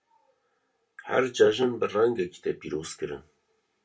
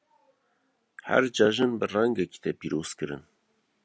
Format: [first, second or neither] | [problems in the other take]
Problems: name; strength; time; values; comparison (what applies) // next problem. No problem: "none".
second | room echo; dies away in 0.2 s